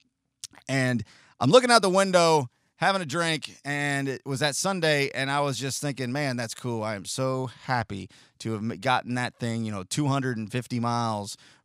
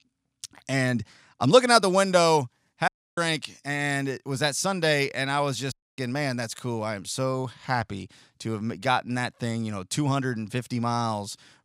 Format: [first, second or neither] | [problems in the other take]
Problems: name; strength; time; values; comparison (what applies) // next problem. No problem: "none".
first | audio cutting out; at 3 s and at 5.5 s